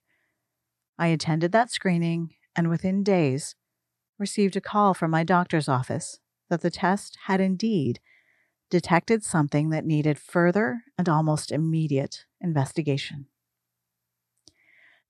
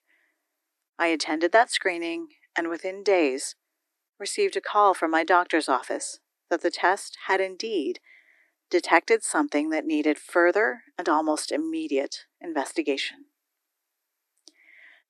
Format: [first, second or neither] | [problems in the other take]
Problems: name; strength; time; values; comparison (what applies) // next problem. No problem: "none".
first | thin; somewhat; fading below 300 Hz